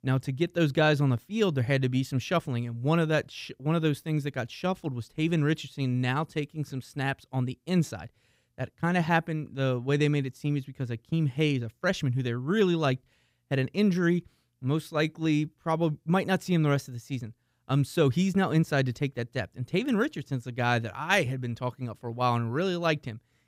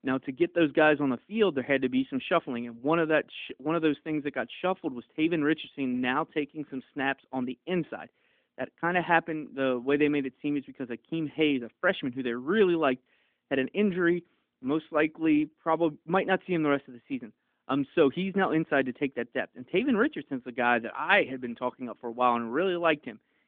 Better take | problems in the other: first | phone-call audio; nothing above 3.5 kHz

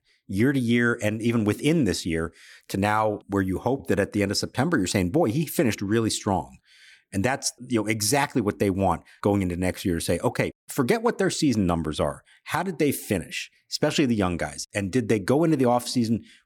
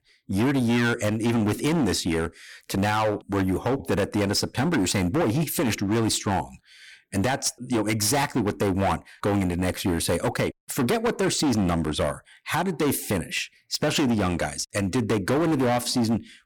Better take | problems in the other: first | distortion; heavy; 18% of the sound clipped

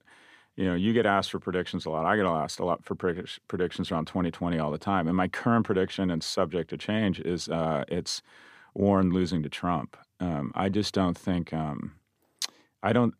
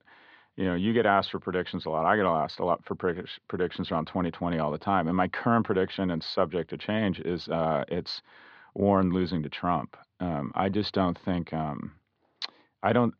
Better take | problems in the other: first | muffled; very slightly; fading above 4.5 kHz

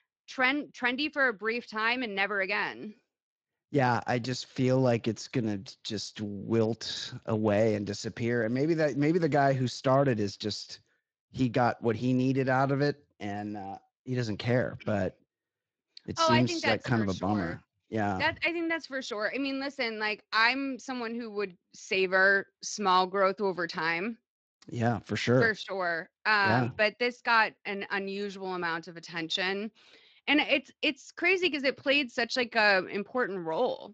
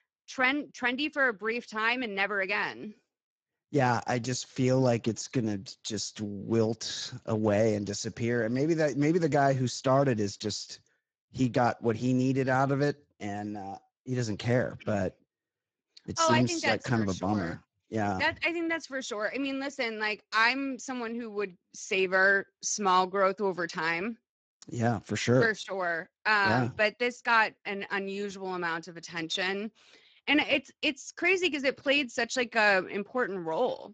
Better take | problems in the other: first | garbled, watery; badly; nothing above 7.5 kHz; slightly in the first

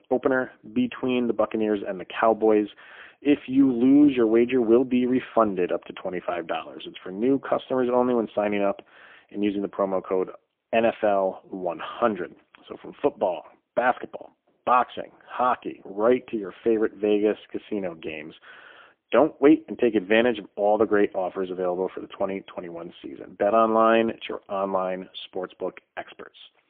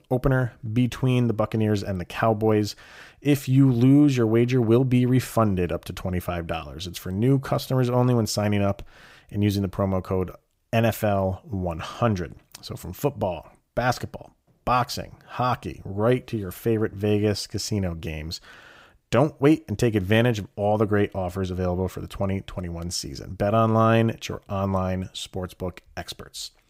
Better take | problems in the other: second | phone-call audio; poor line; nothing above 3.5 kHz

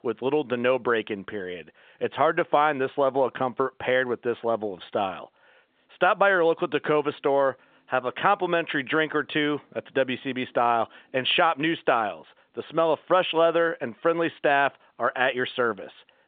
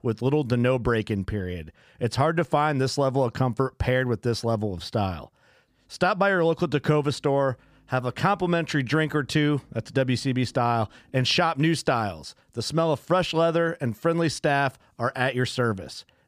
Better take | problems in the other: second | phone-call audio; nothing above 3.5 kHz

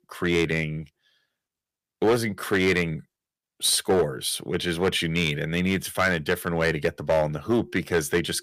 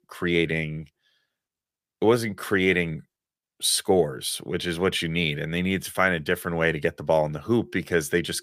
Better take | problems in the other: second | distortion; slight; 3% of the sound clipped

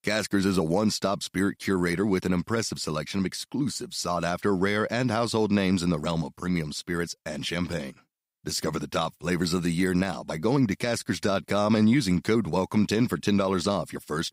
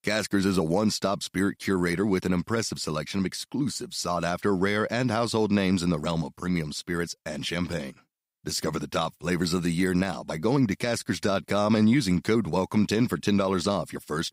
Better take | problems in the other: neither | none

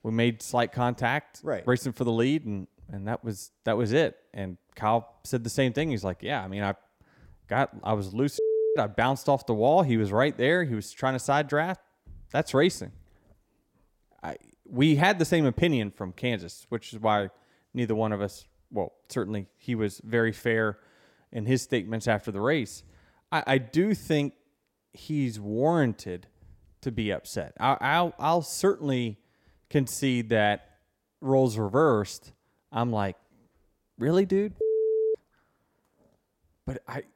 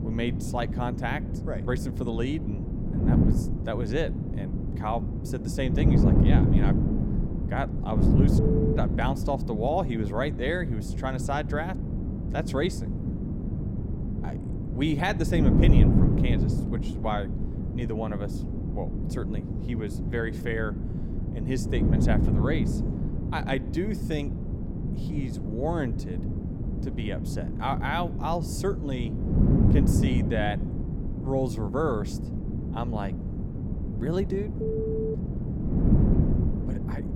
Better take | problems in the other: first | wind noise on the microphone; heavy; 4 dB below the speech

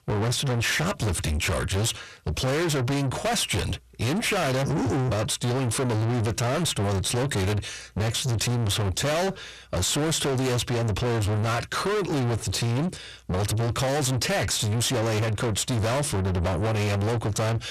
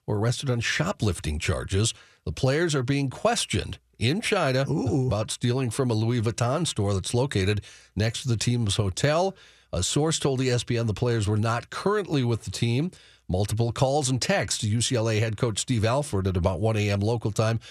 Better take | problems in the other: second | distortion; heavy; 6 dB below the speech

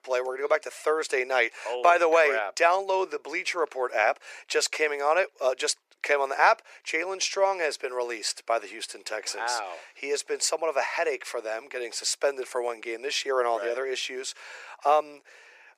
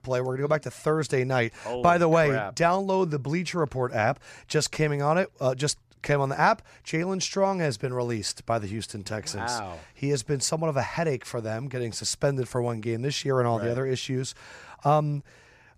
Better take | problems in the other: second | thin; very; fading below 400 Hz

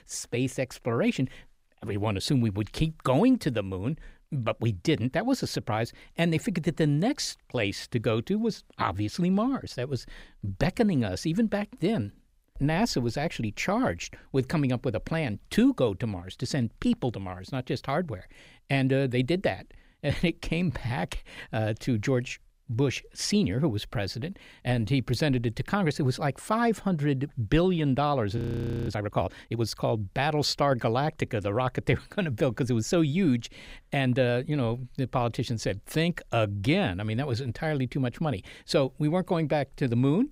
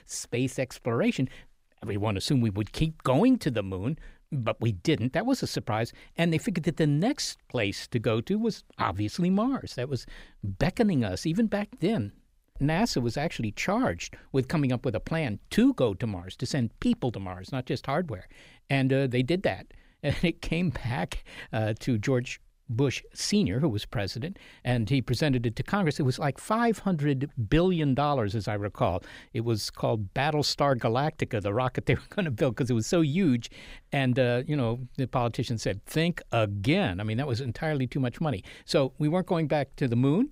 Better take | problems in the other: second | audio freezing; at 28 s for 0.5 s

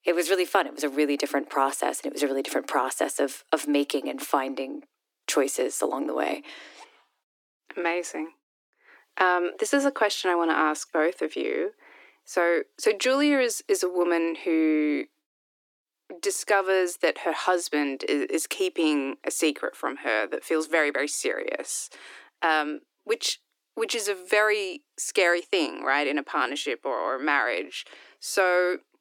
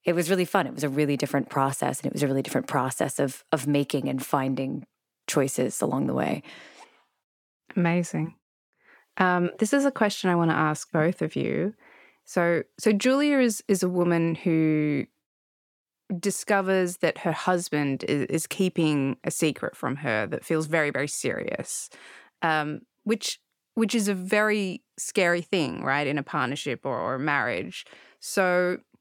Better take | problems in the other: second | thin; very slightly; fading below 300 Hz

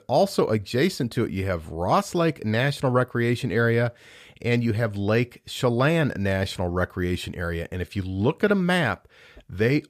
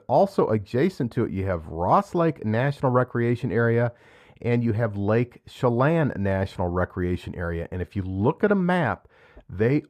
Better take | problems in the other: first | muffled; slightly; fading above 2 kHz

